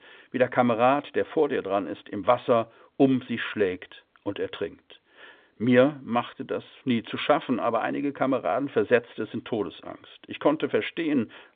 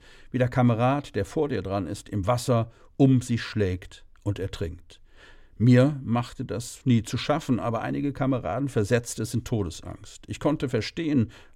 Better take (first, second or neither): second